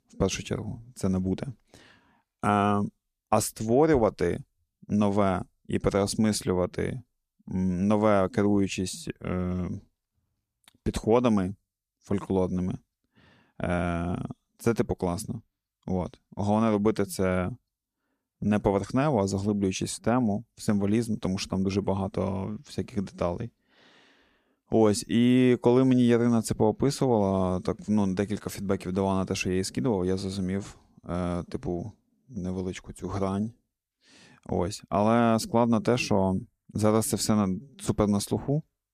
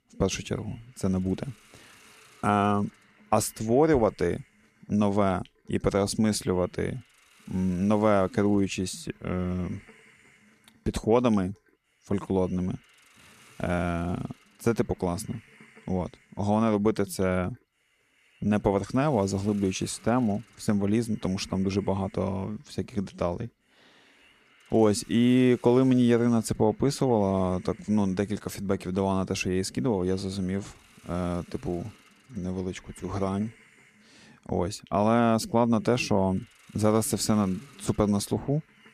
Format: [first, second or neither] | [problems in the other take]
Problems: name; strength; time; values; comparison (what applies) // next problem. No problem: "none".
first | hiss; faint; throughout; 30 dB below the speech